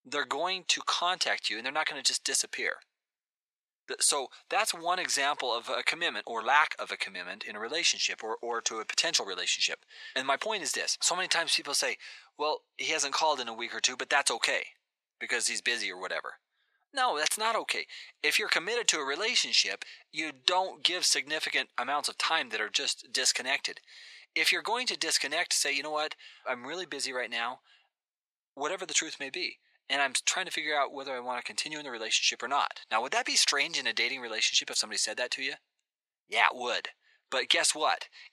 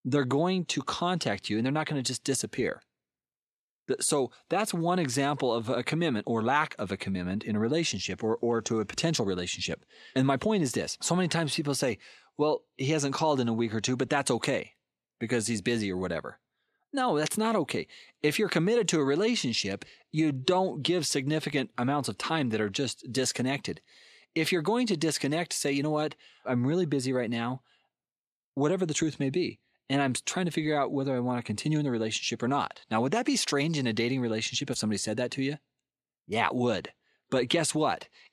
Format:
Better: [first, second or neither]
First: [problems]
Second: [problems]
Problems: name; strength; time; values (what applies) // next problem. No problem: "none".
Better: second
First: thin; very; fading below 850 Hz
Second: none